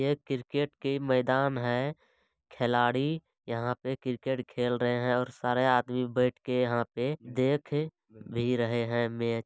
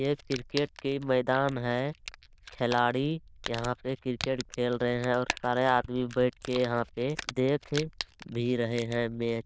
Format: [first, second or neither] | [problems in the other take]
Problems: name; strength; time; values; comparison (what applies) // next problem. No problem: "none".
first | noise reduction (neural diffusion model UNIVERSE++)